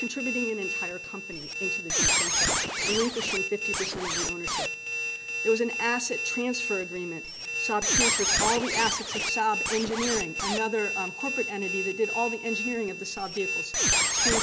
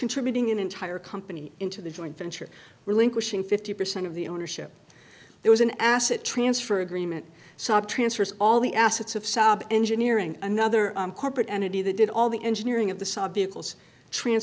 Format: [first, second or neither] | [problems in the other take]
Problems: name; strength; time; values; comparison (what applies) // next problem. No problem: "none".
second | background sound (Squeak); 2 dB above the speech